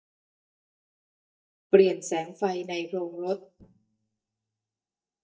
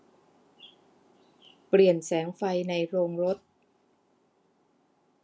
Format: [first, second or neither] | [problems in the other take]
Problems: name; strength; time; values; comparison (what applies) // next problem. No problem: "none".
second | noise reduction (neural mask model DeepFilterNet 3)